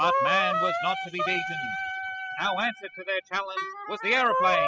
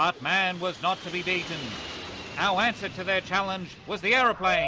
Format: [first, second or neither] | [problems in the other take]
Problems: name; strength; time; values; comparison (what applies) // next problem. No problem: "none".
second | noise reduction (classical method spectral subtraction)